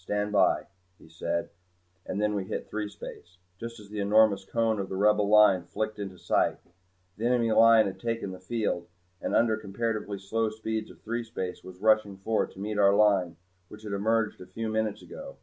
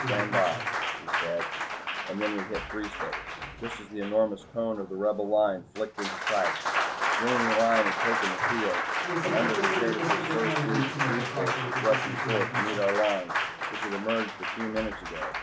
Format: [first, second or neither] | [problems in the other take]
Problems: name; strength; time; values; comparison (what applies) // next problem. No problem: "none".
first | background sound (Applause); 1 dB above the speech